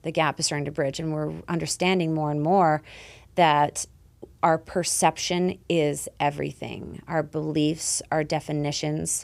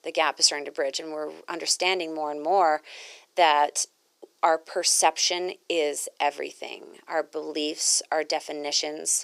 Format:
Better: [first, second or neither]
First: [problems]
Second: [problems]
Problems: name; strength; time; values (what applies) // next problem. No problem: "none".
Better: first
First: none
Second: thin; very; fading below 400 Hz